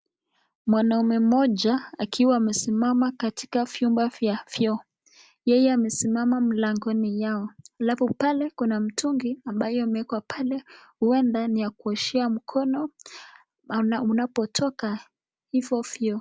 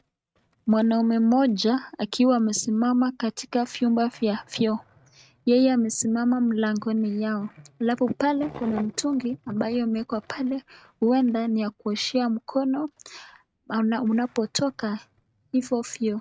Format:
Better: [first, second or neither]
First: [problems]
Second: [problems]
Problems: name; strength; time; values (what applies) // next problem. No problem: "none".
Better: first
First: none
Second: noise reduction (neural mask model RNNoise)